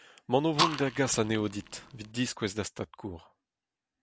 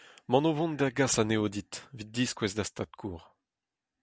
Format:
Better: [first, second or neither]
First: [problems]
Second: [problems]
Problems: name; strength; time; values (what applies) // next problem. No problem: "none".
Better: second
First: background sound (Fire); 2 dB below the speech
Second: none